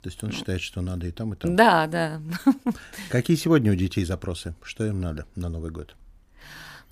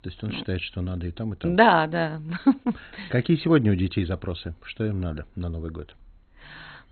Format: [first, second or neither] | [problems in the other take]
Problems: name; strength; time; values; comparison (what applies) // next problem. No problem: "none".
first | garbled, watery; badly; nothing above 4 kHz